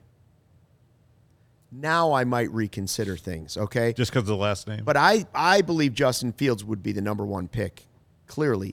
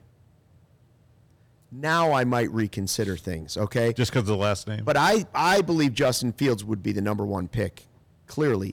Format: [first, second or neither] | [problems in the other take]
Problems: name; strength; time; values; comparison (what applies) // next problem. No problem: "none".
first | distortion; slight; 4% of the sound clipped